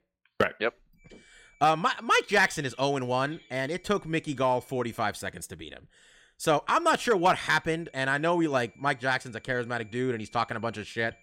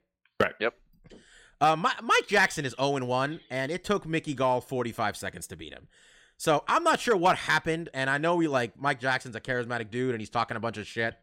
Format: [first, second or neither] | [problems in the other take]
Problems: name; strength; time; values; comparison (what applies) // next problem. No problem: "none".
second | high-pitched whine; faint; from 1 to 5 s and from 7 s on; 2.5 kHz, 30 dB below the speech